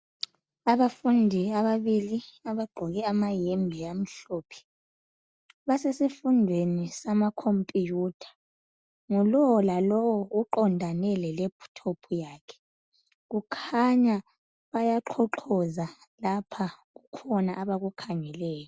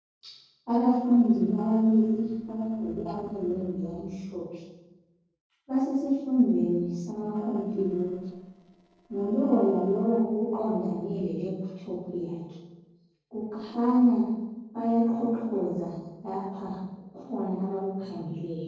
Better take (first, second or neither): first